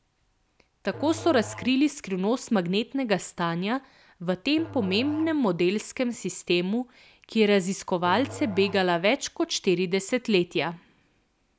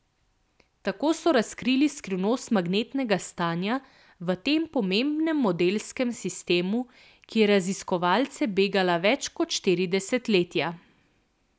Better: second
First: background sound (Musical instrument); 18 dB below the speech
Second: none

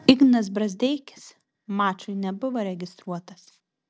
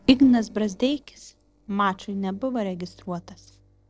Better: first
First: none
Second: noise reduction (neural separator model SepFormer DNS4)

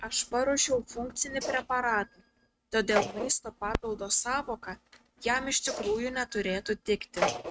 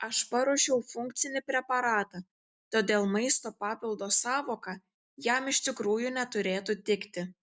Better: second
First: noise reduction (neural mask model RNNoise)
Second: none

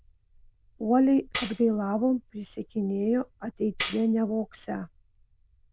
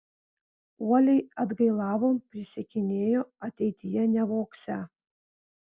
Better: second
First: noise reduction (neural diffusion model UNIVERSE++)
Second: none

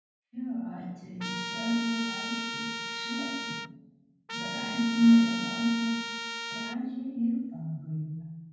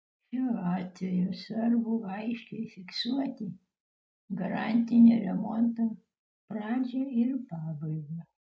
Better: second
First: background sound (Trumpet); 6 dB below the speech // room echo; dies away in 1.2 s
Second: none

